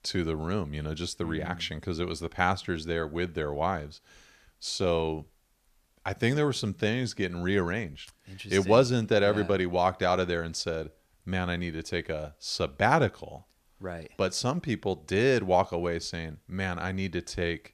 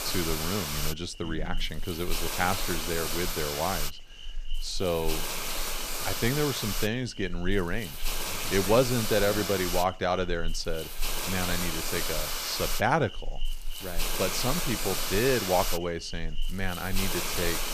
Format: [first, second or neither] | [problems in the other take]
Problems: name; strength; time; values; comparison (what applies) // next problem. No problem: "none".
first | hiss; loud; throughout; 2 dB below the speech